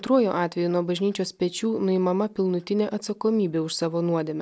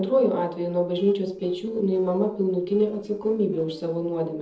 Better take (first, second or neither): first